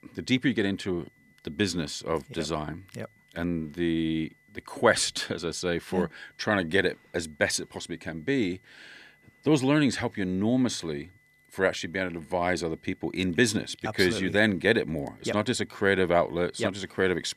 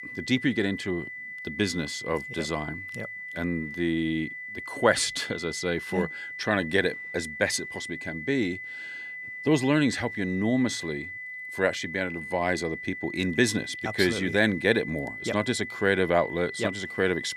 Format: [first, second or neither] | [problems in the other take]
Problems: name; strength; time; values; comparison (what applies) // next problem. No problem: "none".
first | high-pitched whine; loud; throughout; 2 kHz, 9 dB below the speech; faint in the first